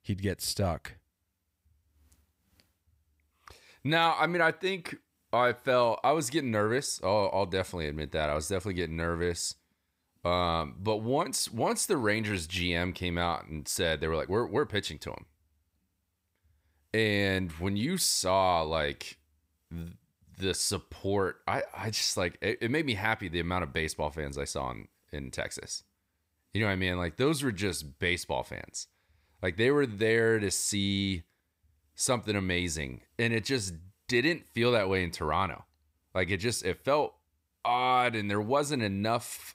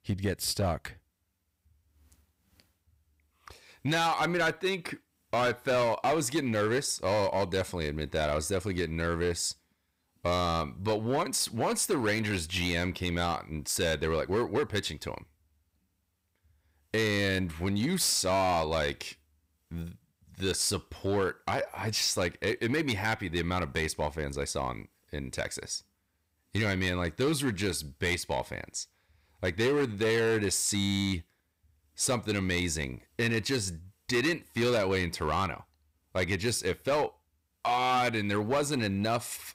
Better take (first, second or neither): first